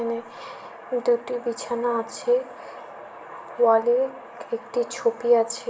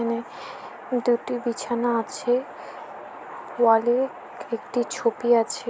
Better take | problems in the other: second | room echo; dies away in 0.5 s

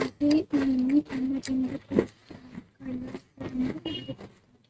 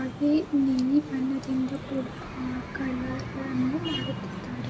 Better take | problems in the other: second | noise reduction (neural mask model RNNoise)

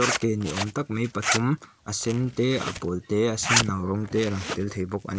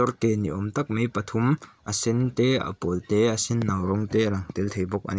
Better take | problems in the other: second | background sound (Zipper (clothing)); 5 dB below the speech

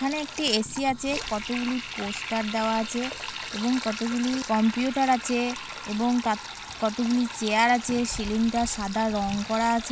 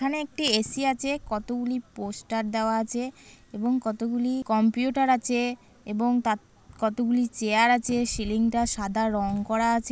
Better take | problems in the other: second | background sound (Sink (filling or washing)); 10 dB below the speech

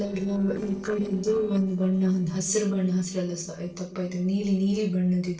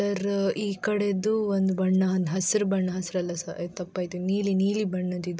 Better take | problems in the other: second | noise reduction (neural separator model SepFormer DNS4)

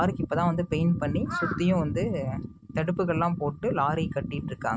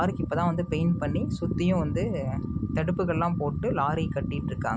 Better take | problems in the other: second | noise reduction (neural mask model RNNoise)

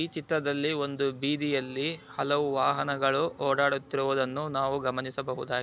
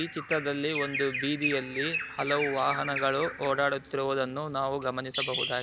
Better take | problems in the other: first | background sound (Bird vocalization, bird call, bird song); 6 dB below the speech

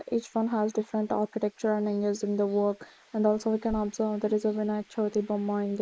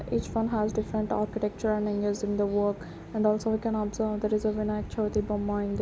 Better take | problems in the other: second | noise reduction (neural mask model Resemble Enhance denoiser)

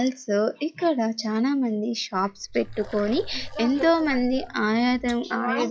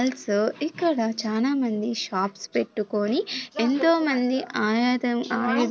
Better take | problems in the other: second | noise reduction (classical method log-MMSE)

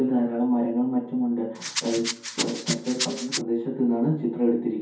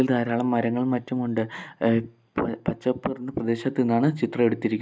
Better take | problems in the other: second | background sound (Rattle); 6 dB below the speech // room echo; dies away in 0.6 s

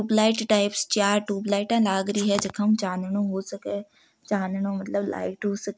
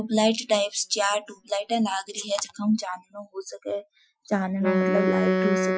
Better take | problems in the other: first | noise reduction (classical method Wiener filter)

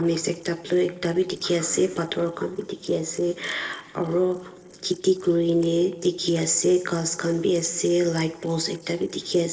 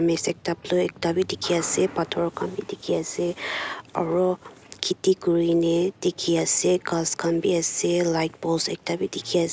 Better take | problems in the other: second | noise reduction (neural separator model SepFormer DNS4)

